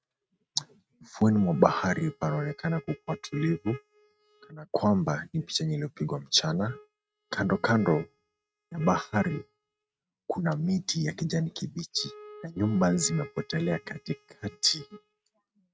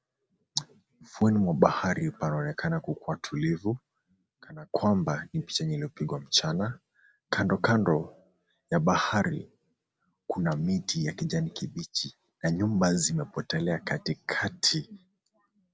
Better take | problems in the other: second | noise reduction (neural mask model RNNoise)

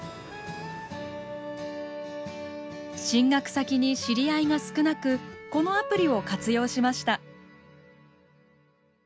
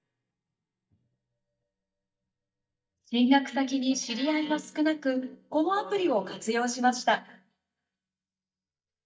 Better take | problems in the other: first | noise reduction (neural mask model DeepFilterNet 3)

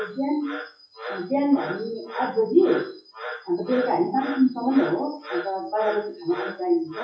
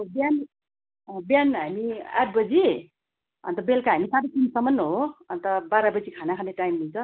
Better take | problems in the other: second | noise reduction (classical method WPE with log-MMSE)

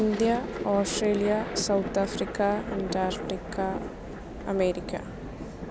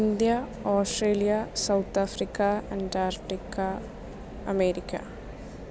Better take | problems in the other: second | background sound (Thunder); 8 dB below the speech

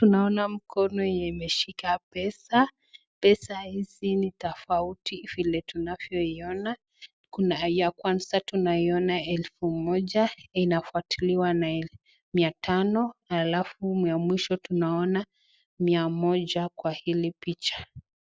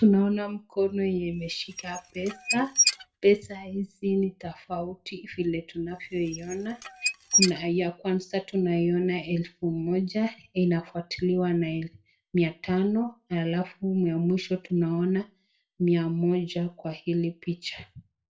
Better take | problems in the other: first | background sound (Squeak / Dishes, pots, and pans); 2 dB below the speech // room echo; dies away in 0.2 s

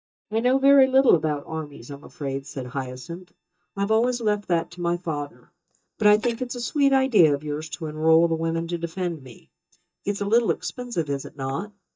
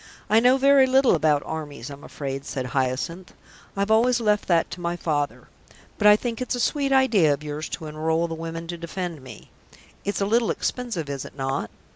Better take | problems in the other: second | noise reduction (neural mask model DeepFilterNet 3)

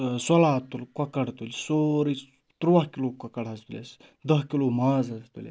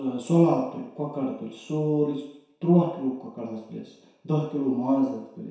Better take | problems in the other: first | room echo; dies away in 0.7 s

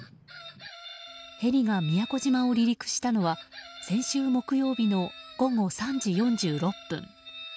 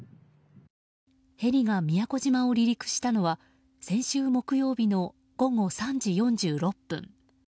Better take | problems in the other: second | background sound (Chicken, rooster); 18 dB below the speech

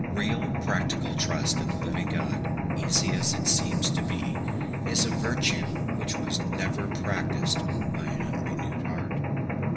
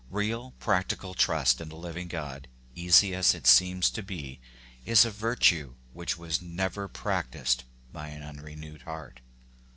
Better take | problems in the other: second | background sound (Mechanisms); 5 dB above the speech // room echo; dies away in 1.8 s

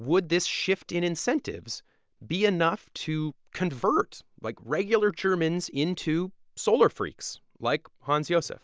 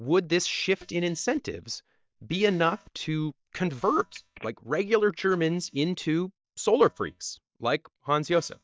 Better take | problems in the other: first | noise reduction (neural mask model DeepFilterNet 3)

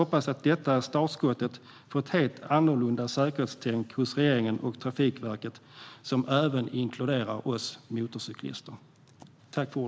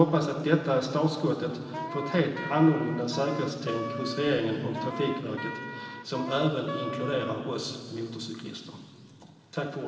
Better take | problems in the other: first | background sound (Wind instrument, woodwind instrument); 9 dB below the speech // room echo; dies away in 2.4 s

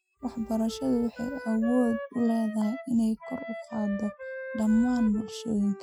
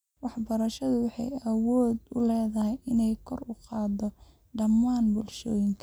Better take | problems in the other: second | noise reduction (classical method Wiener filter)

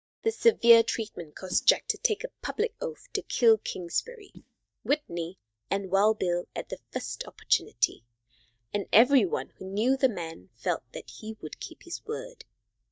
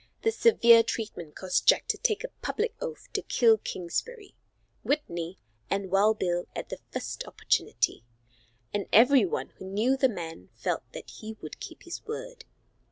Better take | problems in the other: second | noise reduction (neural mask model DeepFilterNet 3)

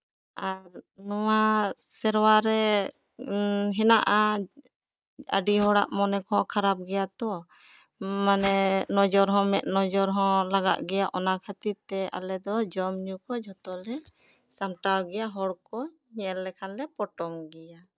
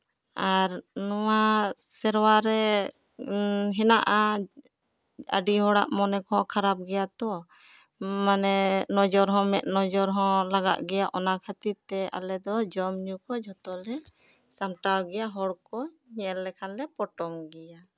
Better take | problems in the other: second | noise reduction (neural mask model DeepFilterNet 3)

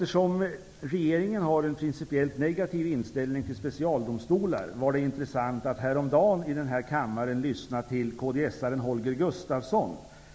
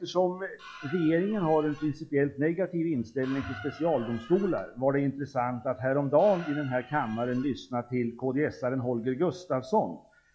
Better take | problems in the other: first | noise reduction (classical method log-MMSE)

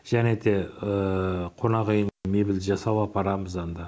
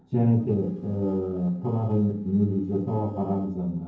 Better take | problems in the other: first | noise reduction (neural separator model SepFormer DNS4)

